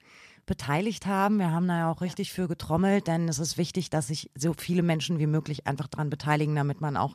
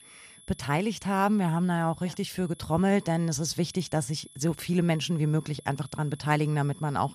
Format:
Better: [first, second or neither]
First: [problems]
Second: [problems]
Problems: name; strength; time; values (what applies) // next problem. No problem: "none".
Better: first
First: none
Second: high-pitched whine; faint; throughout; 11 kHz, 25 dB below the speech